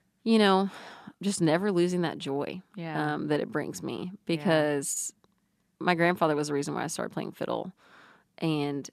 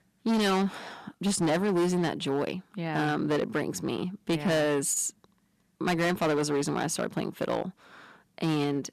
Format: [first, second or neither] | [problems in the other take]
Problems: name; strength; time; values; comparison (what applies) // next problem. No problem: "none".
first | distortion; heavy; 11% of the sound clipped